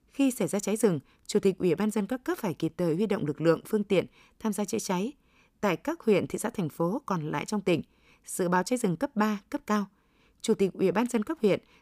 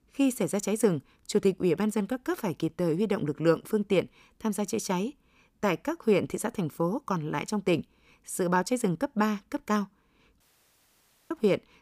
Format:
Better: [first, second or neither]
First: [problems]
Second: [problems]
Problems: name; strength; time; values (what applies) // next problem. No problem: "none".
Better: first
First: none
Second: audio cutting out; at 10 s for 1 s